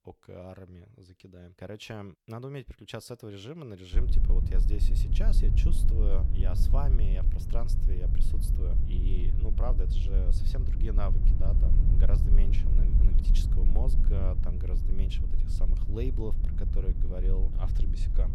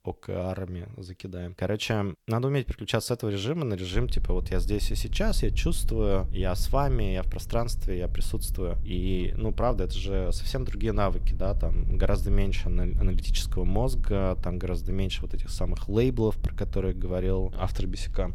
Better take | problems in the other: second | low rumble; loud; from 4 s on; 4 dB below the speech; faint in the second

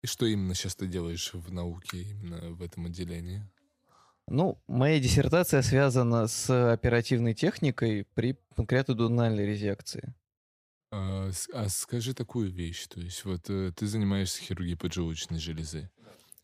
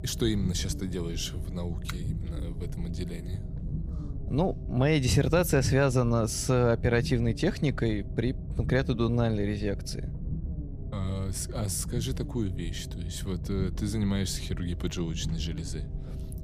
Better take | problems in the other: first | low rumble; noticeable; throughout; 15 dB below the speech

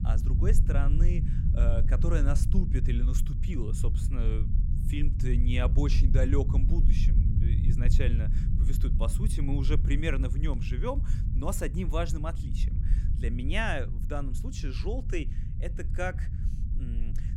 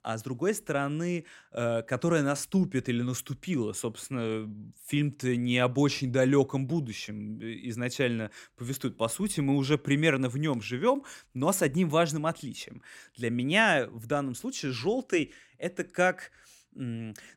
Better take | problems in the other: second | low rumble; loud; throughout; 8 dB below the speech

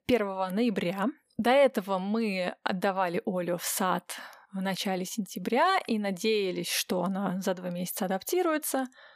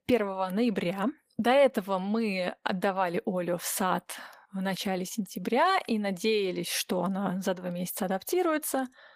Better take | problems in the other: first | garbled, watery; slightly; nothing above 15 kHz

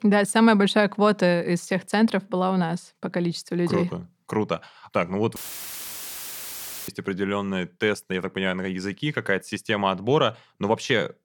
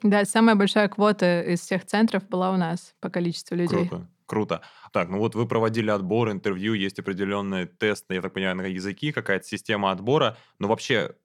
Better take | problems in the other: second | audio cutting out; filled with static; at 5.5 s for 1.5 s

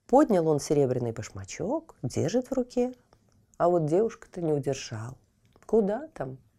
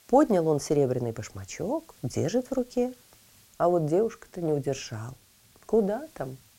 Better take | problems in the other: first | hiss; faint; throughout; 30 dB below the speech

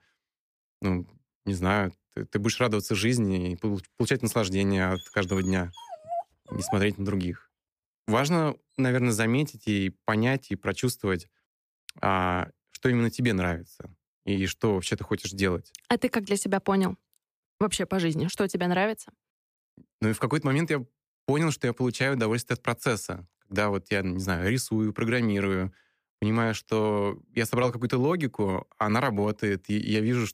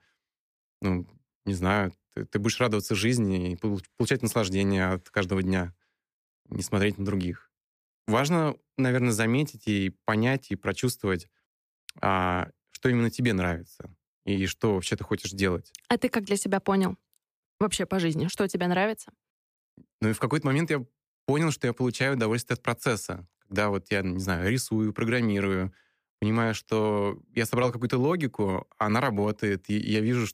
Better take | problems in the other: second | dog barking; noticeable; from 5 to 8.5 s; peak 8 dB below the speech

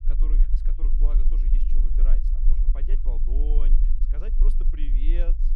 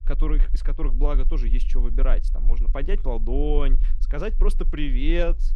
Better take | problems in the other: second | low rumble; loud; throughout; 5 dB below the speech; faint in the second

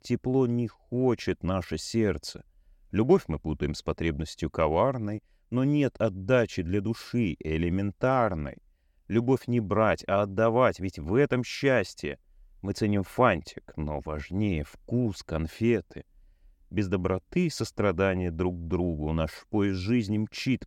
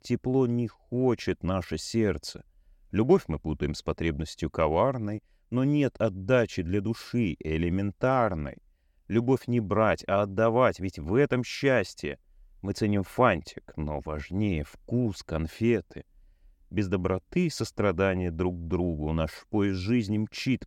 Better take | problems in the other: neither | none

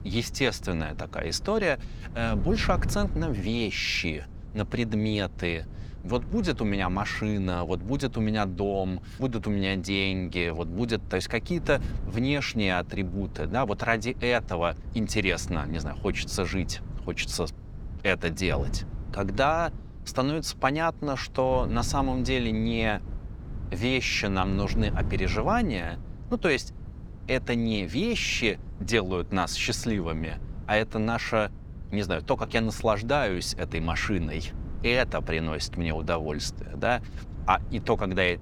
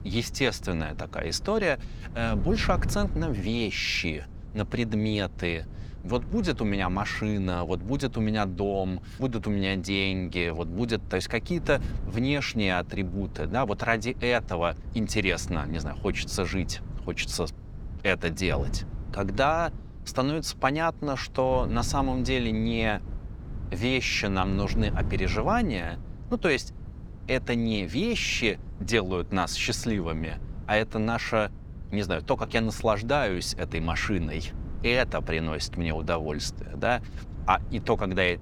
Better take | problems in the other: neither | wind noise on the microphone; occasional gusts; 20 dB below the speech; the same in both

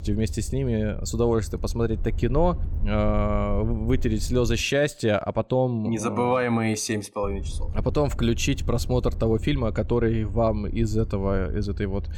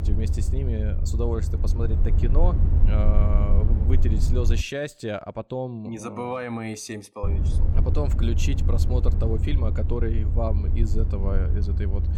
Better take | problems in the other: first | low rumble; loud; until 4.5 s and from 7 s on; 7 dB below the speech; faint in the first

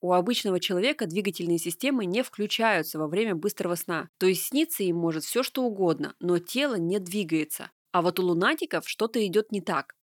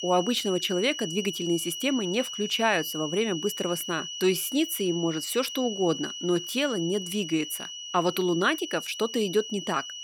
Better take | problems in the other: first | high-pitched whine; loud; throughout; 3 kHz, 7 dB below the speech

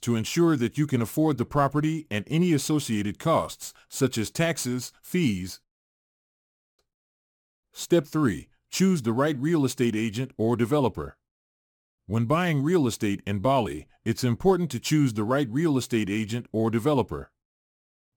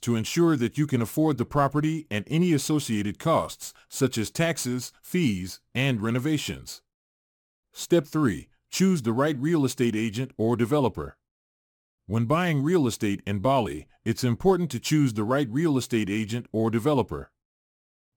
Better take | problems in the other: second | audio cutting out; at 5.5 s for 1 s

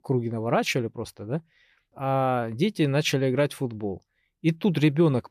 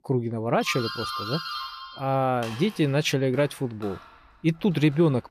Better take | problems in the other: first | doorbell; noticeable; from 0.5 s on; peak 5 dB below the speech

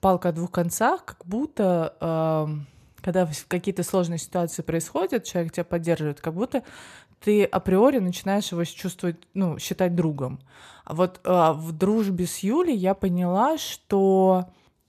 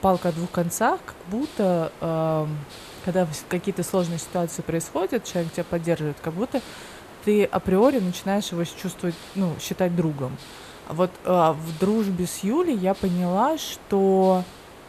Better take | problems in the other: first | hiss; noticeable; throughout; 20 dB below the speech

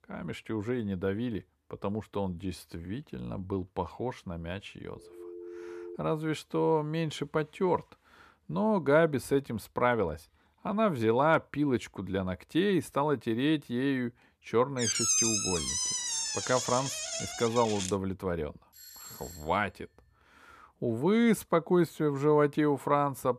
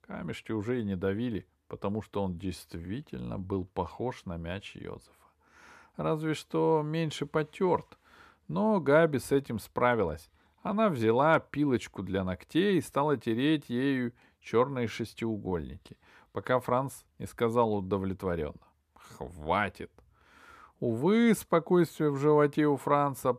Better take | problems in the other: second | phone ringing; faint; from 5 to 6 s; peak 15 dB below the speech // door banging; loud; from 15 to 18 s; peak 6 dB above the speech // doorbell; faint; at 19 s; peak 15 dB below the speech

